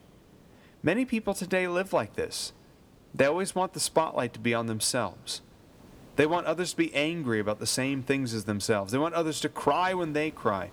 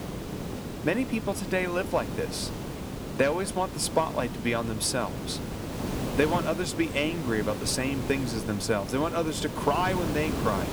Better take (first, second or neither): first